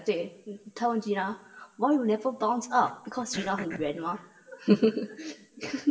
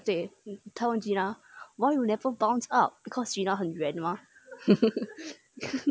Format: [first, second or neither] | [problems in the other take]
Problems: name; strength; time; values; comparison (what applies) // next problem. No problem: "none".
second | background sound (Cough); 15 dB below the speech // room echo; dies away in 0.7 s